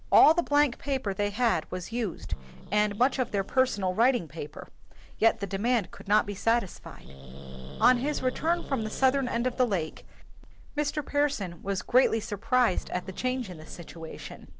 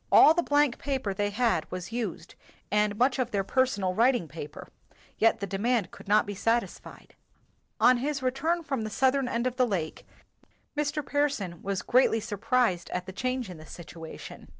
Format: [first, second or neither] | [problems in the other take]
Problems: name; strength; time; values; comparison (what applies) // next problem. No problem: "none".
second | background sound (Growling); 11 dB below the speech